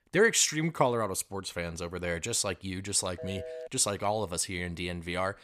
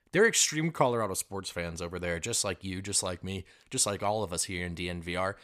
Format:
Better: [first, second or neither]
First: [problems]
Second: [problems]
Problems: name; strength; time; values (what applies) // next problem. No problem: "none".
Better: second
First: phone ringing; faint; at 3 s; peak 10 dB below the speech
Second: none